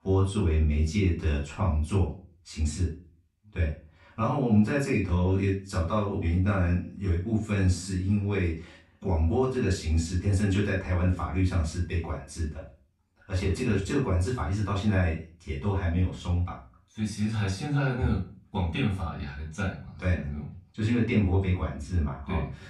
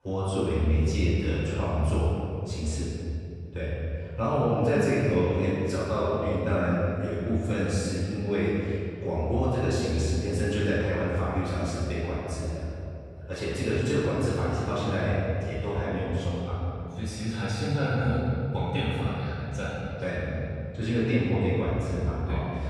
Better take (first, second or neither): first